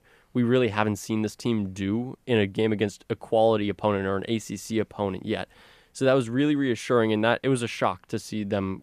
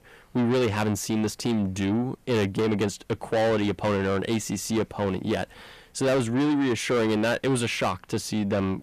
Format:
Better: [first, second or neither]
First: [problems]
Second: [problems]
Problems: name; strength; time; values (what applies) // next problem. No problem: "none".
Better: first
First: none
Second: distortion; heavy; 7 dB below the speech